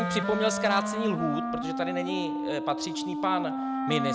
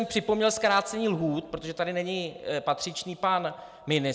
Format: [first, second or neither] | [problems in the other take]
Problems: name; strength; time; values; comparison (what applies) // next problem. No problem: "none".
second | background sound (Wind instrument, woodwind instrument); 1 dB below the speech